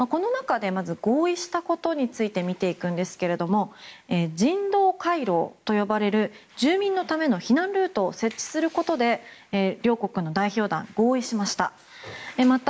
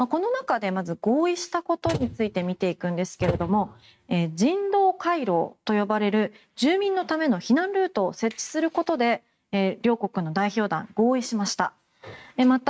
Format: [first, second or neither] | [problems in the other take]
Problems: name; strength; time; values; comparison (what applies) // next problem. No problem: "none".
first | noise reduction (neural mask model RNNoise)